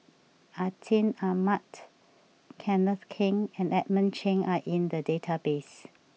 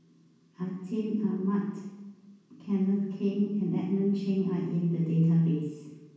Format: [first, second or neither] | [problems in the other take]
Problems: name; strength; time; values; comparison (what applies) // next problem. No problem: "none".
first | room echo; dies away in 1.2 s